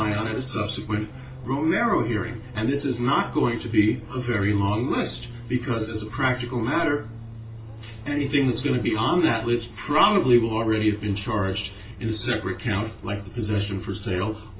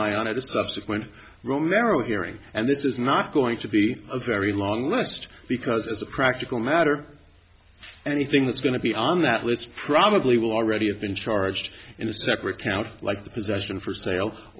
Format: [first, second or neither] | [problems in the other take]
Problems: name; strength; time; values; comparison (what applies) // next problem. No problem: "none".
second | background sound (Fixed-wing aircraft, airplane); 15 dB below the speech // room echo; dies away in 0.2 s